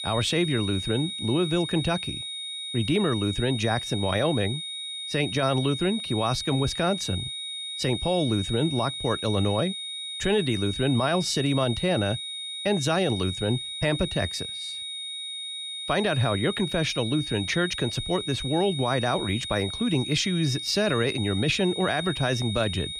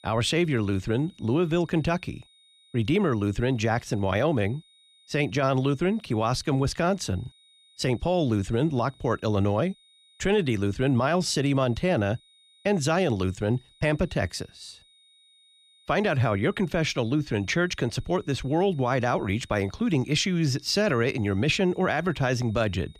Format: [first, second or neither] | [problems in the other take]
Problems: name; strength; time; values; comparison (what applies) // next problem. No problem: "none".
second | high-pitched whine; loud; throughout; 3.5 kHz, 5 dB below the speech; faint in the second